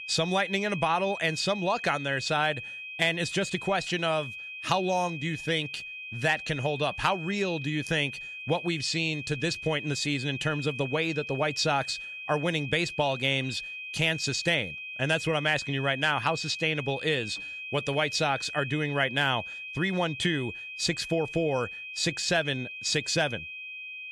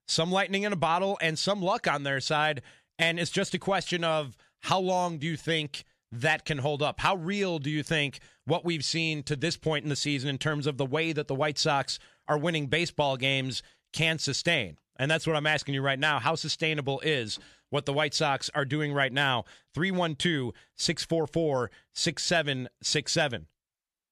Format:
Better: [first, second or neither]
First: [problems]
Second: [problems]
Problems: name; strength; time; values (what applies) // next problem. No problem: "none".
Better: second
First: high-pitched whine; loud; throughout; 2.5 kHz, 9 dB below the speech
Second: none